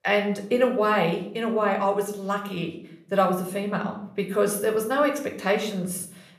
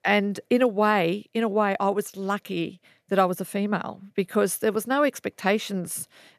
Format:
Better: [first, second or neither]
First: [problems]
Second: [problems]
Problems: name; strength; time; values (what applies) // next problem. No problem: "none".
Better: second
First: room echo; slight; dies away in 0.5 s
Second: none